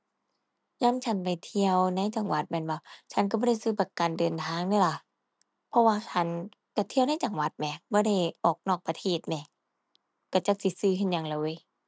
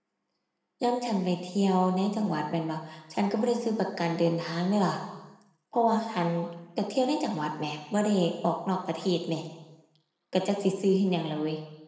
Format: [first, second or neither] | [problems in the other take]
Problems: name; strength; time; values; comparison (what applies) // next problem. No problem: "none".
first | room echo; dies away in 1 s